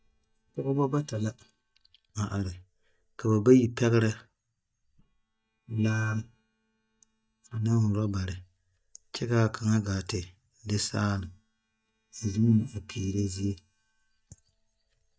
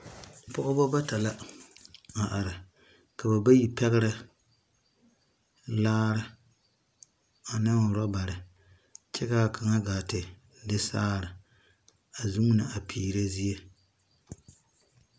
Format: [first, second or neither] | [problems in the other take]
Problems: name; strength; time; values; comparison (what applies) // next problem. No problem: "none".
second | noise reduction (neural mask model DeepFilterNet 3)